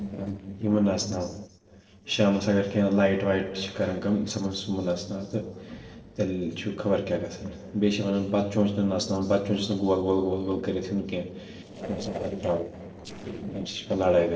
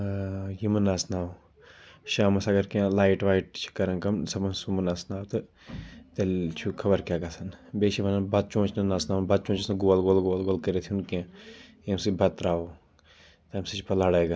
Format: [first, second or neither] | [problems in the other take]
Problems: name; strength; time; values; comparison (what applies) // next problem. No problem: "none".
second | noise reduction (neural separator model SepFormer DNS4)